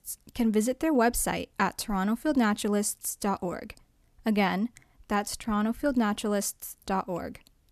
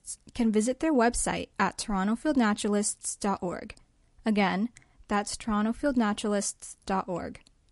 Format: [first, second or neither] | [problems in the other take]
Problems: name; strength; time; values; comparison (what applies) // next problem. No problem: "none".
first | garbled, watery; slightly; nothing above 11 kHz